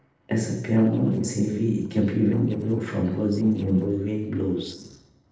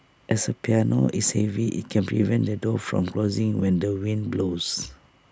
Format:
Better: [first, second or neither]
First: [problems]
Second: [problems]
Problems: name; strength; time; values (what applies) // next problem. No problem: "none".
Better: second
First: noise reduction (neural separator model SepFormer DNS4)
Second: none